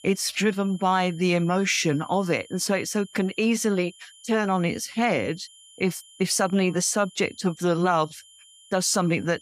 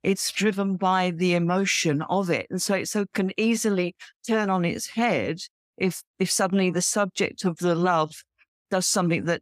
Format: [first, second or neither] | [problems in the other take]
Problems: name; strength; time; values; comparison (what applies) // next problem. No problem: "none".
second | high-pitched whine; faint; throughout; 3 kHz, 25 dB below the speech